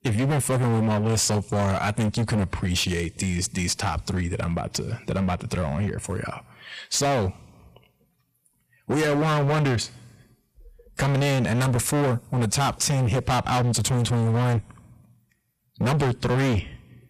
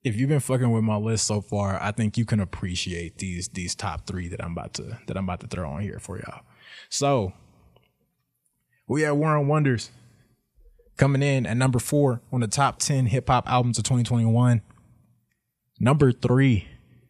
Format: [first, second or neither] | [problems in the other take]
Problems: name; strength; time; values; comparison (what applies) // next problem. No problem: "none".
second | distortion; heavy; 24% of the sound clipped